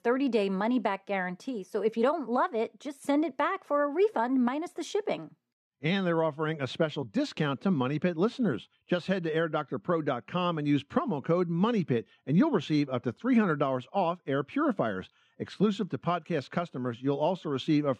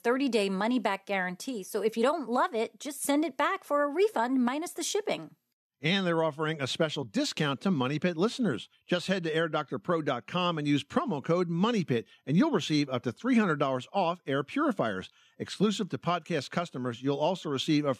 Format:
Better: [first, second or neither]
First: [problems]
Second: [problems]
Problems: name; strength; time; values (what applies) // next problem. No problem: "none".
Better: second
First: muffled; slightly; fading above 2 kHz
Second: none